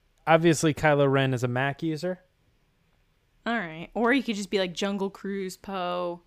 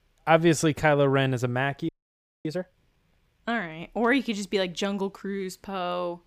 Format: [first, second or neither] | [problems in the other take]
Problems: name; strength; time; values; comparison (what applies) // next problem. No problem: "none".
first | audio freezing; at 2 s for 0.5 s